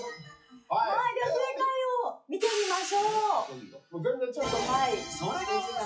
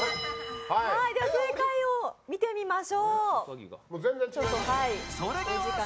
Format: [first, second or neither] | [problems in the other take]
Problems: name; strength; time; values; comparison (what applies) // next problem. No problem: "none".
second | noise reduction (classical method WPE with log-MMSE)